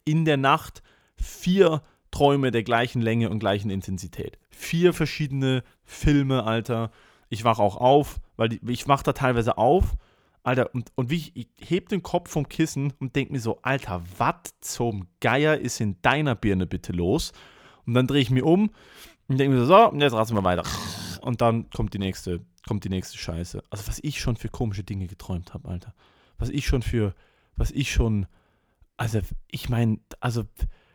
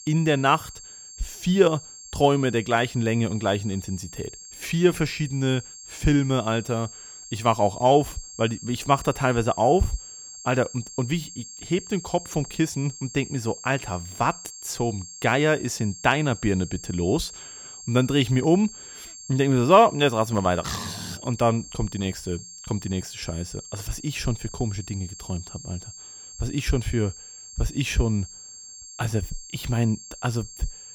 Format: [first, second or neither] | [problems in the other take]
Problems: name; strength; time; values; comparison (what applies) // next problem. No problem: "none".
first | high-pitched whine; noticeable; throughout; 7.5 kHz, 15 dB below the speech